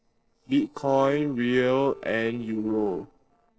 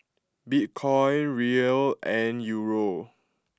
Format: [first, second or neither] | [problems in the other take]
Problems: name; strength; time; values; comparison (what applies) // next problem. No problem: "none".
second | noise reduction (neural separator model SepFormer DNS4)